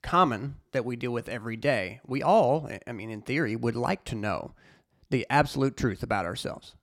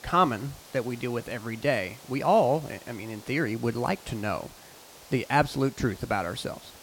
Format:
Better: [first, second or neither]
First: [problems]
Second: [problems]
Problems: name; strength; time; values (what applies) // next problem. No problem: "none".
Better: first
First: none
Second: hiss; noticeable; throughout; 20 dB below the speech